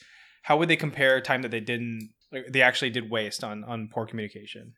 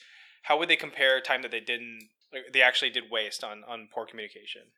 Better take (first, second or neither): first